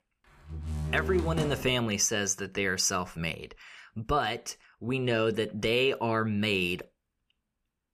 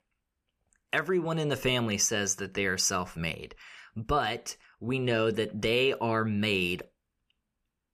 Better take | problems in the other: second | door banging; noticeable; until 2 s; peak 5 dB below the speech

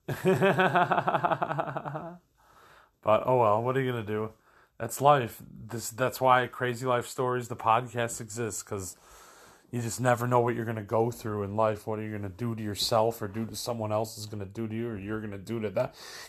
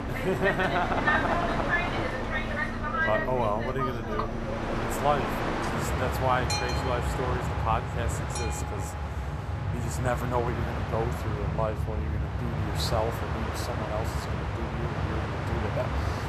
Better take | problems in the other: first | train or aircraft noise; very loud; throughout; 2 dB above the speech

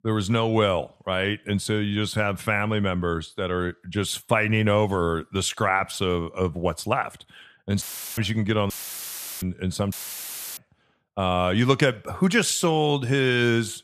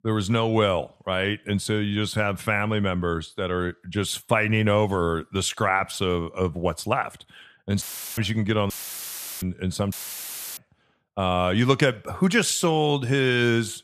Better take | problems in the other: neither | audio cutting out; filled with static; at 8 s, at 8.5 s for 0.5 s and at 10 s for 0.5 s; the same in both

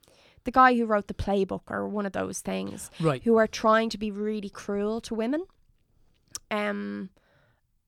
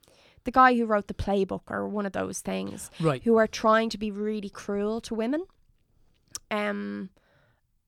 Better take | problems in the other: neither | none

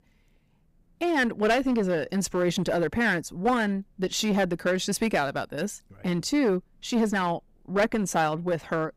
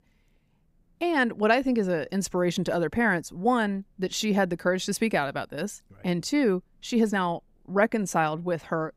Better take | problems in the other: second | distortion; slight; 7% of the sound clipped

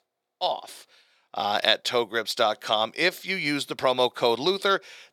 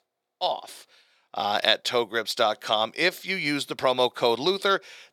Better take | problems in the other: neither | thin; very; fading below 450 Hz; the same in both

